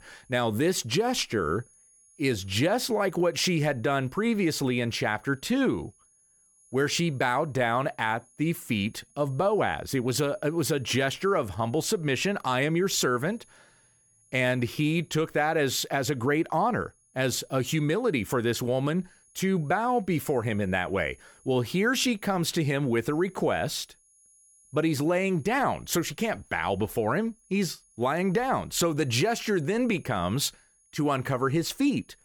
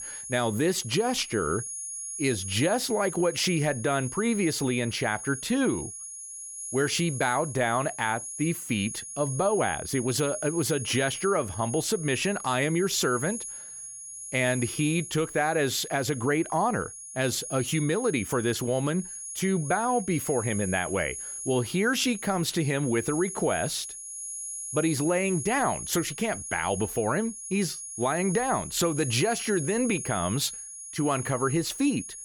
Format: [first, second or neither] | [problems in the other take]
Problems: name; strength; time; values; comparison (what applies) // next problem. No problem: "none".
first | high-pitched whine; loud; throughout; 10.5 kHz, 8 dB below the speech; faint in the first